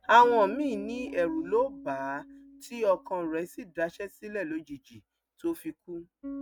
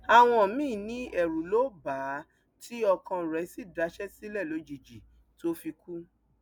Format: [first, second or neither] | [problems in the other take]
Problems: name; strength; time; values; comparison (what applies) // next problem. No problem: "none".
second | noise reduction (neural mask model RNNoise)